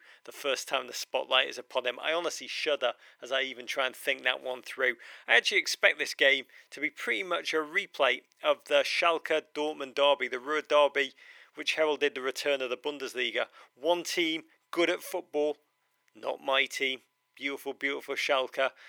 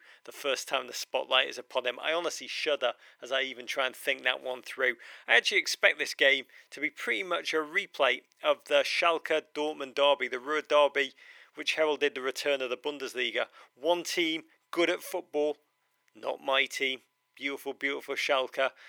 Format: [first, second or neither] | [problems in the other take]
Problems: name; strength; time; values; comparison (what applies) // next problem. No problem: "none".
neither | thin; very; fading below 450 Hz; the same in both